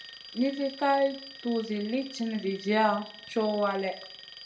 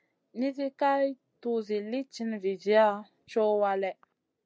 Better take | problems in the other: second | background sound (Alarm); 17 dB below the speech // room echo; dies away in 0.4 s

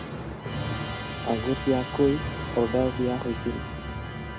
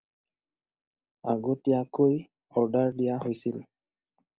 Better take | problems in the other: second | background sound (Musical instrument); 4 dB below the speech

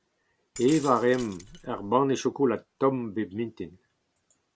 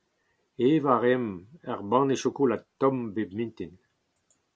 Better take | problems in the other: second | background sound (Glass); 18 dB below the speech

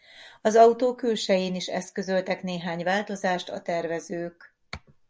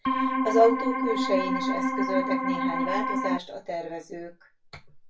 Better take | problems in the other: first | background sound (Organ); 3 dB above the speech // room echo; dies away in 0.2 s

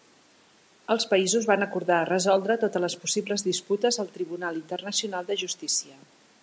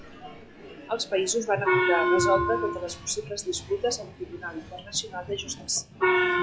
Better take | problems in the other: first | noise reduction (classical method log-MMSE)

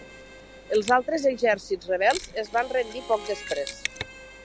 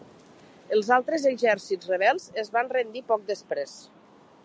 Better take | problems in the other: second | background sound (Mechanisms + Harmonica); 13 dB below the speech

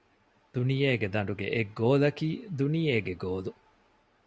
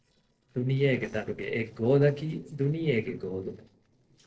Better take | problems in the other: first | noise reduction (neural separator model SepFormer DNS4)

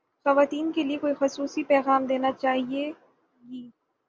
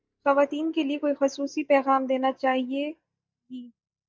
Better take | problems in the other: first | noise reduction (neural mask model DeepFilterNet 3)

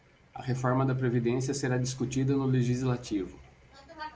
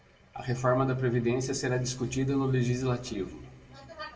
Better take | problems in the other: first | room echo; dies away in 0.8 s

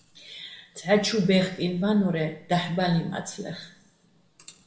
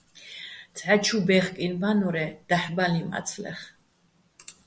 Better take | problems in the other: second | room echo; dies away in 1.1 s

